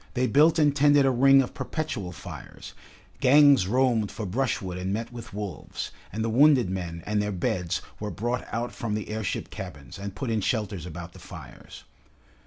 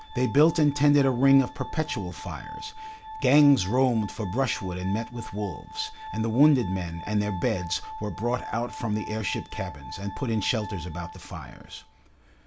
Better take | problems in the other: first | background sound (Glass); 15 dB below the speech

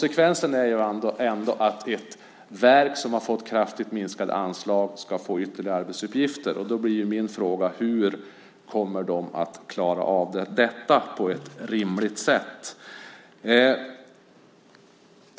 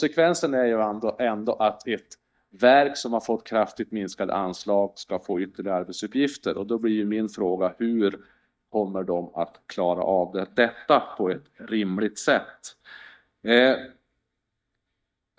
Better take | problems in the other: first | noise reduction (neural mask model DeepFilterNet 3)

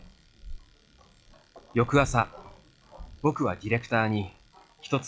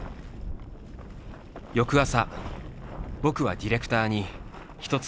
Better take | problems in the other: second | noise reduction (classical method log-MMSE)

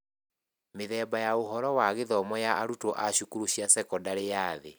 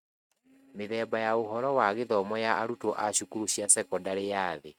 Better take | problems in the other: first | noise reduction (neural mask model RNNoise)

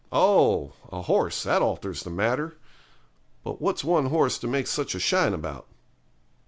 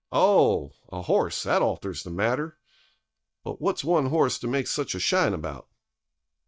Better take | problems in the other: first | noise reduction (neural mask model DeepFilterNet 3)

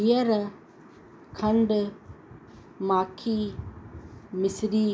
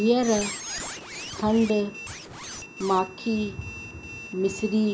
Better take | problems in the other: first | background sound (Squeak); 11 dB below the speech

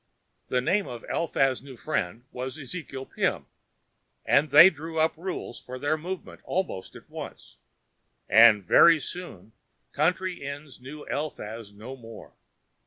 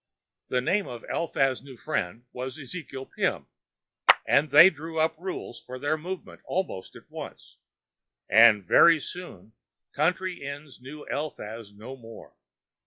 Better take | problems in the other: first | noise reduction (classical method log-MMSE)

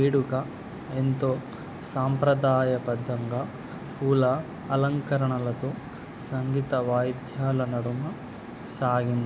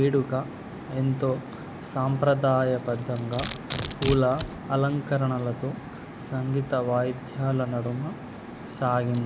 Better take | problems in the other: first | background sound (Domestic sounds, home sounds); 15 dB below the speech

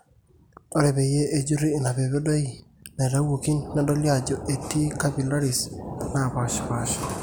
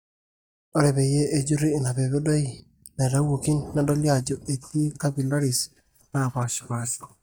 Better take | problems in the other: first | noise reduction (neural mask model DeepFilterNet 3)

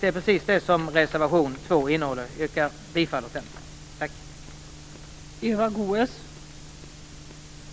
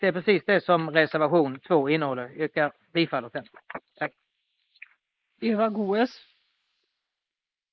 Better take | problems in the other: first | noise reduction (neural mask model Resemble Enhance denoiser)

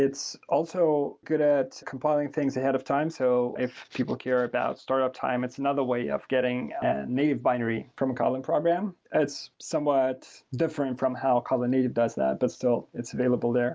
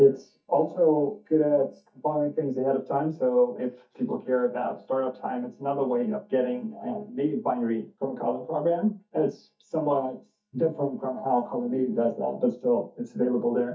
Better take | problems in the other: first | noise reduction (neural mask model DeepFilterNet 3)

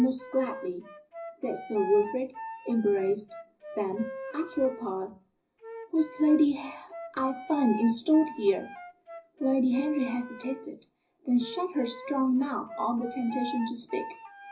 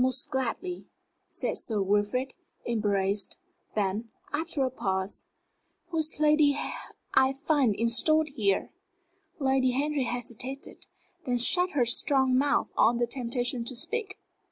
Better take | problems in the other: second | background sound (Wind instrument, woodwind instrument); 13 dB below the speech // room echo; dies away in 0.4 s

